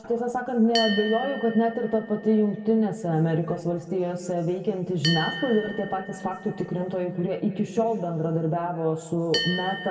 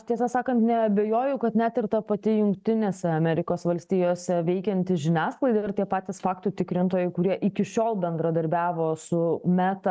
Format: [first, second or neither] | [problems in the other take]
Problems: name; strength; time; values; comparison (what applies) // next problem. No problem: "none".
second | background sound (Bell); 11 dB below the speech // room echo; dies away in 1.9 s